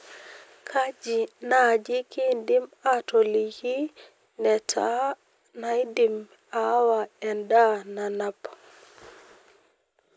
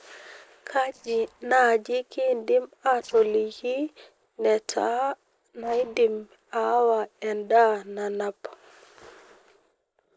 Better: first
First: none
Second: noise reduction (neural separator model SepFormer DNS4)

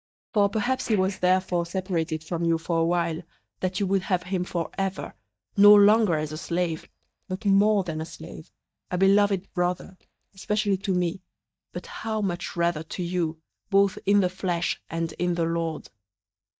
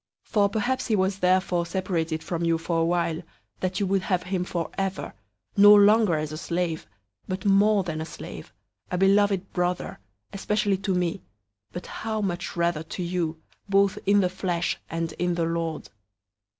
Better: second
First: noise reduction (neural mask model DeepFilterNet 3)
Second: none

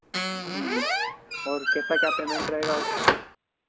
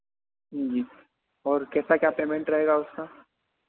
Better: second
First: background sound (Squeak); 4 dB above the speech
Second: none

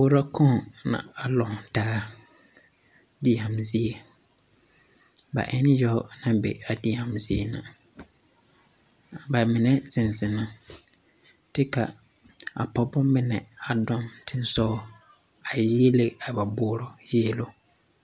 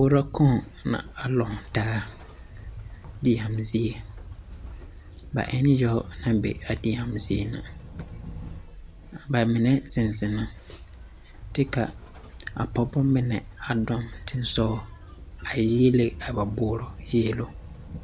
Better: first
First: none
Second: background sound (Train); 14 dB below the speech

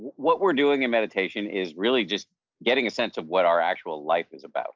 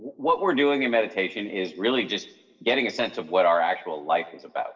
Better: first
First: none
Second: room echo; dies away in 0.7 s

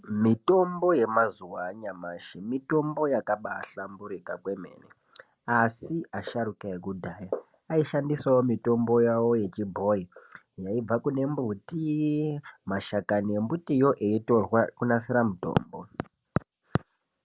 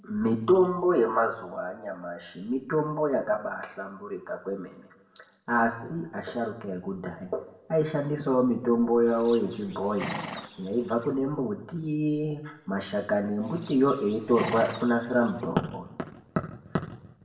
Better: first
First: none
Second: background sound (Livestock, farm animals, working animals); 13 dB below the speech // room echo; dies away in 0.8 s

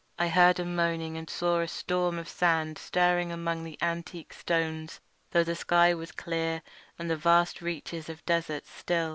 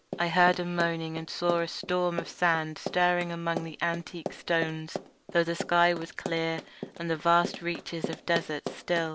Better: first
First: none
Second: background sound (Run); 11 dB below the speech

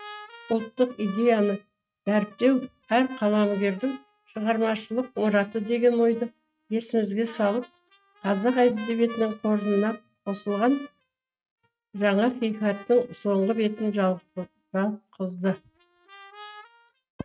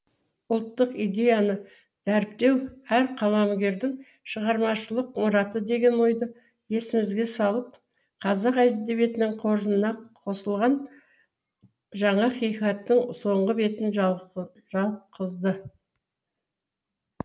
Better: second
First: noise reduction (neural mask model RNNoise)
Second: none

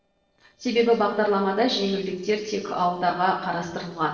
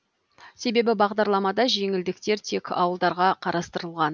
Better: second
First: noise reduction (neural separator model SepFormer DNS4)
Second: none

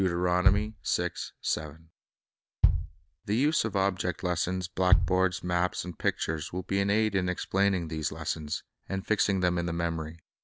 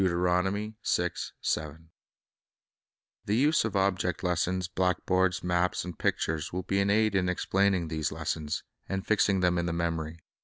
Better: second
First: background sound (Bass drum); 1 dB below the speech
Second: none

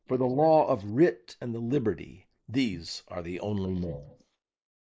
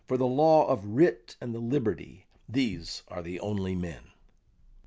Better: second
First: noise reduction (neural mask model Resemble Enhance denoiser)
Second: none

